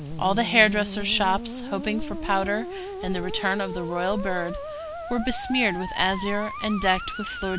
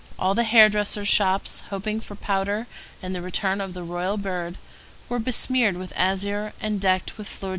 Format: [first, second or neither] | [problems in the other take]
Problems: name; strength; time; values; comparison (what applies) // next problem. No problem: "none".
second | background sound (Musical instrument); 9 dB below the speech